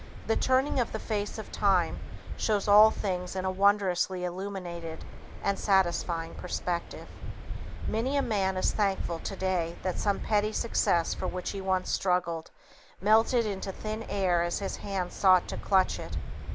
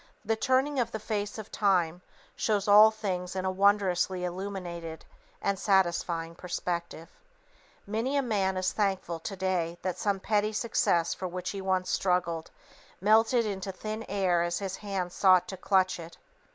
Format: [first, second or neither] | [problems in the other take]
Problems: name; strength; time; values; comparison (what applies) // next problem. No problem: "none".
second | background sound (Waves, surf); 6 dB below the speech